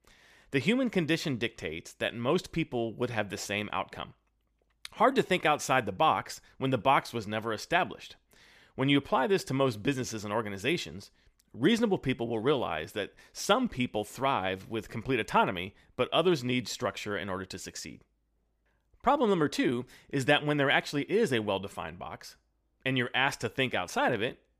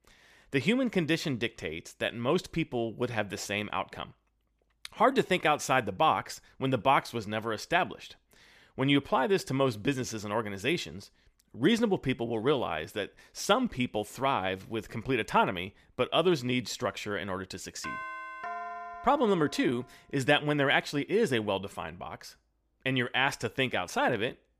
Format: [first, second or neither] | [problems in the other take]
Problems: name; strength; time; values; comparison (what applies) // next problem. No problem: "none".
first | doorbell; noticeable; from 18 to 20 s; peak 8 dB below the speech